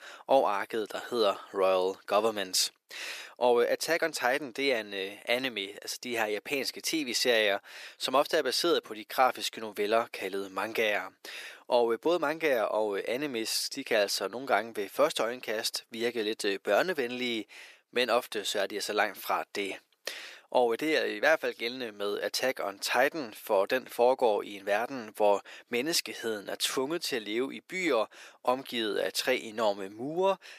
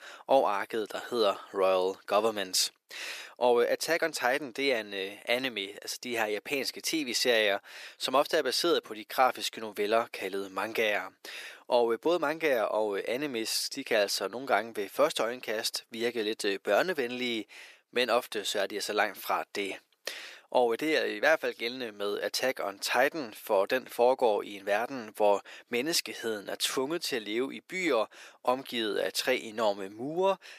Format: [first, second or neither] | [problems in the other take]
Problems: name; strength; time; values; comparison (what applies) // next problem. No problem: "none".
neither | thin; very; fading below 400 Hz; the same in both